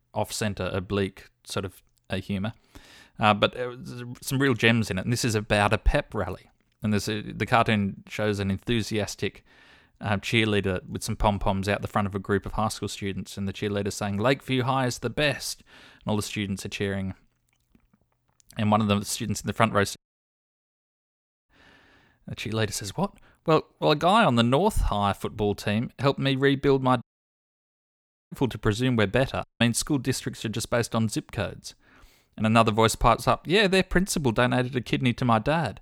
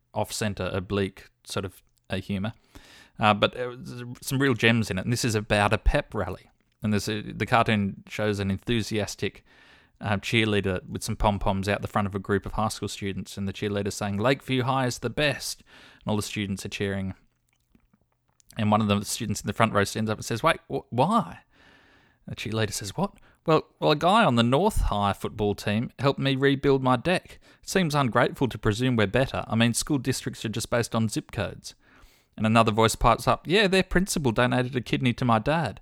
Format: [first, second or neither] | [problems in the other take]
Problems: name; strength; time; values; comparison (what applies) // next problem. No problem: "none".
second | audio cutting out; at 20 s for 1.5 s, at 27 s for 1.5 s and at 29 s